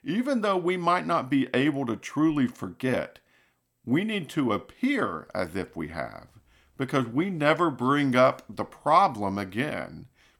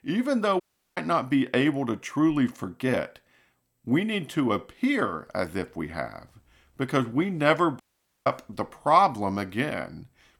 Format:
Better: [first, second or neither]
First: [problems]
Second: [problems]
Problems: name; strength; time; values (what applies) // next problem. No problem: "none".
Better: first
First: none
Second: audio cutting out; at 0.5 s and at 8 s